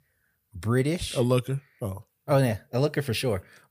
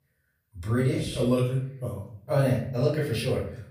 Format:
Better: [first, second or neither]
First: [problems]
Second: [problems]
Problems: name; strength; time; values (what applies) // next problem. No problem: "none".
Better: first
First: none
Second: off-mic speech; far // room echo; noticeable; dies away in 0.5 s